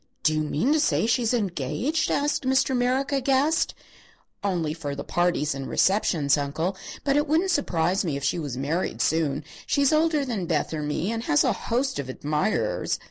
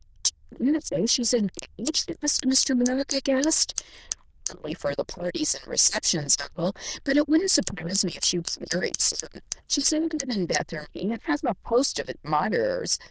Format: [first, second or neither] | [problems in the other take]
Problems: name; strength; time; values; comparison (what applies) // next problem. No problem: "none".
first | noise reduction (neural diffusion model UNIVERSE++)